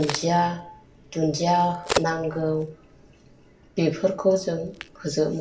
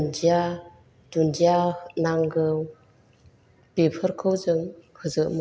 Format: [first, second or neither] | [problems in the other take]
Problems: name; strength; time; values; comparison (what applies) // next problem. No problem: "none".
second | background sound (Crack); 11 dB below the speech // room echo; dies away in 0.2 s